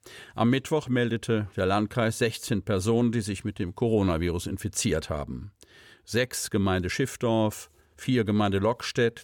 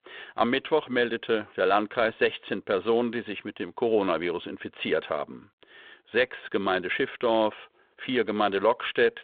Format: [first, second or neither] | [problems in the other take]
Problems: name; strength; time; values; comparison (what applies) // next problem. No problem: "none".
first | phone-call audio; nothing above 3.5 kHz